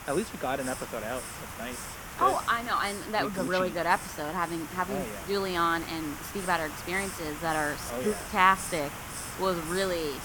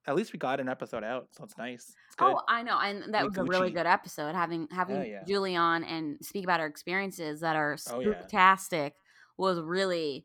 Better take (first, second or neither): second